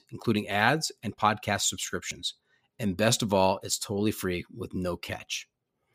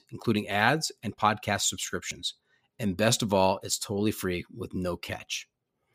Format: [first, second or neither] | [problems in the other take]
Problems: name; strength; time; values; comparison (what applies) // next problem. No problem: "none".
neither | none